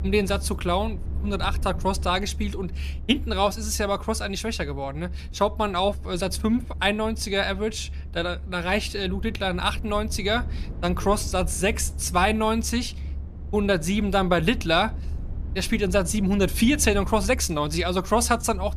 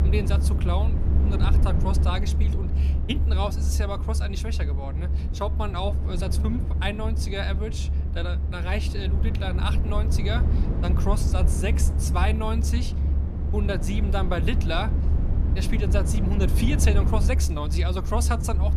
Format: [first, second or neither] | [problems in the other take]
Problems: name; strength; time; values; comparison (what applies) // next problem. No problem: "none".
first | low rumble; loud; throughout; 7 dB below the speech; faint in the first